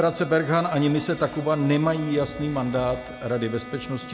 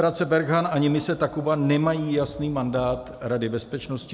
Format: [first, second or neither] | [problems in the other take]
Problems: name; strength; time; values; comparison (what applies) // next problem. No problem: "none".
second | background sound (Bowed string instrument); 17 dB below the speech